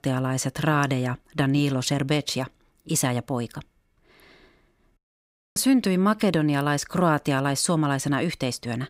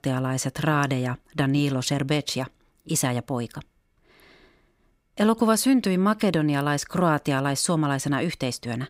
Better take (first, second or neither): second